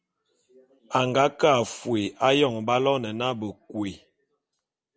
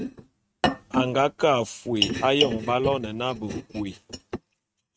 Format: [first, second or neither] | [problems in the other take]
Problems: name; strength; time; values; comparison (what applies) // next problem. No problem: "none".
first | noise reduction (neural mask model RNNoise)